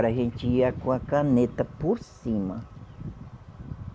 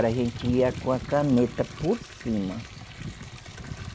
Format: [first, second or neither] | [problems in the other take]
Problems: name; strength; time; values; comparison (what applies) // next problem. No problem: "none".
first | background sound (Liquid); 18 dB below the speech